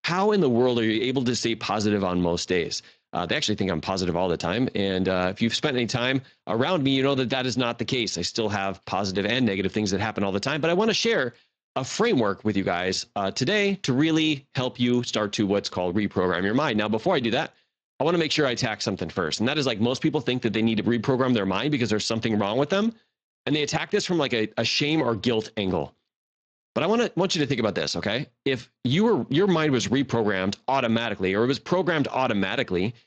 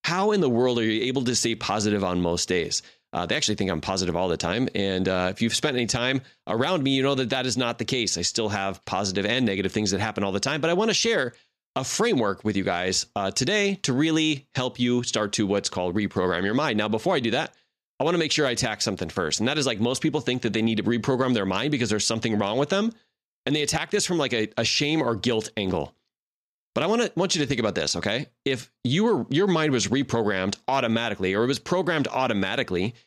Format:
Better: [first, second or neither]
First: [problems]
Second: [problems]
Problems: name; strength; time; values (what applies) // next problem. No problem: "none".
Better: second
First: garbled, watery; slightly; nothing above 7.5 kHz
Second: none